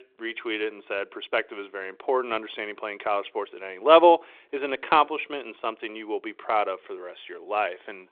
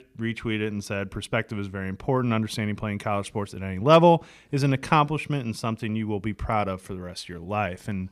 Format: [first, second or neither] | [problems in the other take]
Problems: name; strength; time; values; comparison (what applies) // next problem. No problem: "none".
second | phone-call audio; nothing above 3.5 kHz